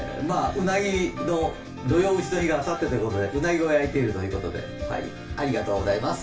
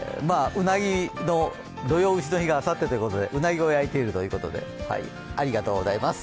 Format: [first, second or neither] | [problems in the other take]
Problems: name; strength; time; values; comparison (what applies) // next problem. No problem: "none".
second | room echo; dies away in 0.3 s